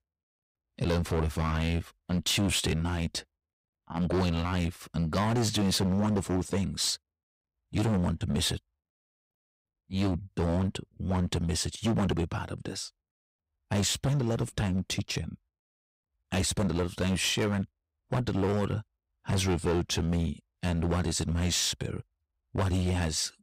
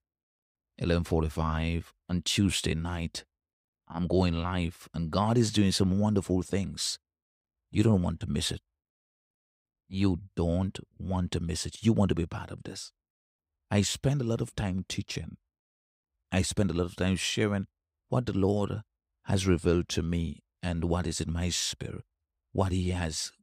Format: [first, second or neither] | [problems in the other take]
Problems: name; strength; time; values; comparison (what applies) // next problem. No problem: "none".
second | distortion; heavy; 12% of the sound clipped